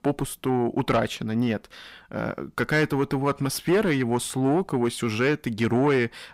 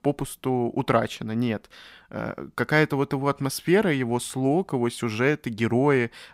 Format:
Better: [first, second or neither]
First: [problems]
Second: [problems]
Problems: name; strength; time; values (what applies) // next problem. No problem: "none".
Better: second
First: distortion; slight; 9 dB below the speech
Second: none